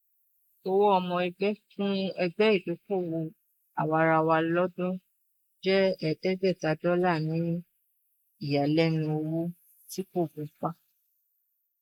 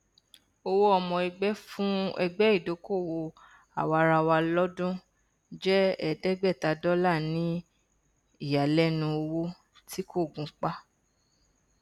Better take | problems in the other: second | noise reduction (neural mask model Resemble Enhance denoiser)

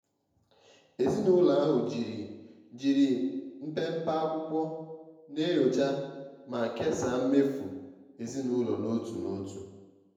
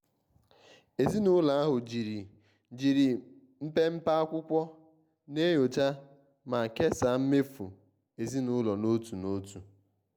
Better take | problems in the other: second | room echo; dies away in 0.9 s

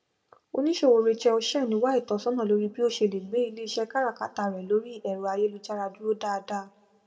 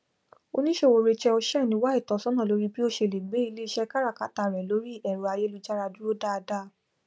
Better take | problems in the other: second | room echo; dies away in 0.6 s

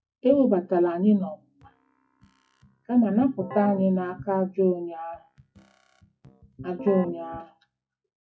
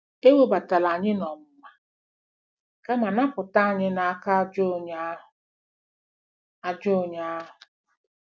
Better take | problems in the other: second | noise reduction (classical method WPE with log-MMSE)

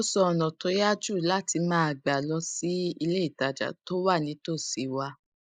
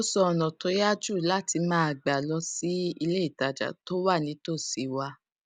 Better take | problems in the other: second | noise reduction (neural mask model Resemble Enhance denoiser)

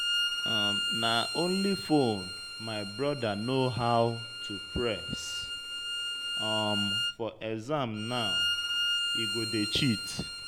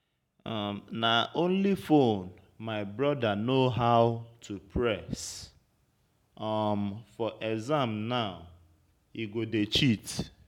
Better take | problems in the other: second | background sound (Bowed string instrument); 1 dB below the speech

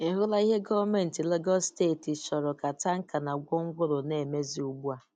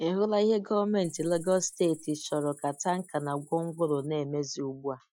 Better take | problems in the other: first | noise reduction (classical method Wiener filter)

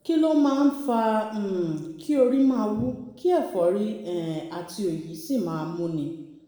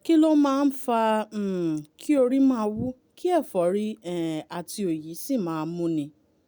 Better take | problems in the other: second | room echo; dies away in 1 s

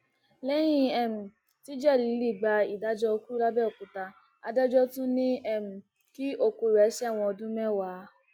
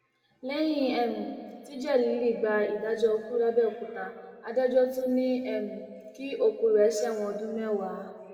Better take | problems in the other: first | room echo; dies away in 1.8 s

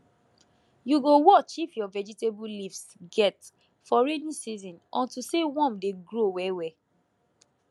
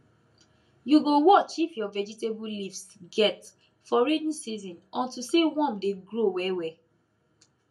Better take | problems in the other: first | room echo; dies away in 0.2 s

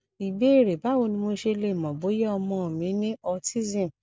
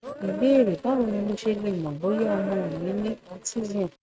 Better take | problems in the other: first | noise reduction (neural mask model RNNoise)

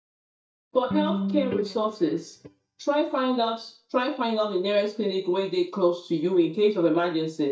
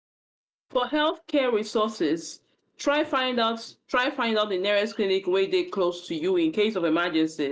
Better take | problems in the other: second | noise reduction (neural mask model DeepFilterNet 3)

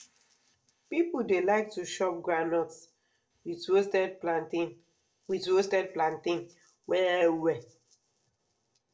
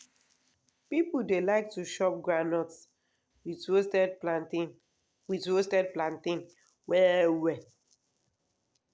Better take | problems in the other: second | room echo; dies away in 0.2 s

